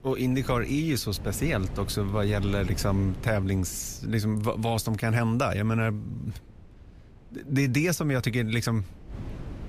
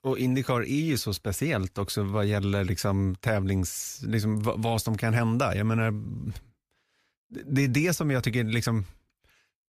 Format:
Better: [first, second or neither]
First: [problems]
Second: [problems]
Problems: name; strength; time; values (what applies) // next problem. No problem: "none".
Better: second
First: wind noise on the microphone; occasional gusts; 20 dB below the speech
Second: none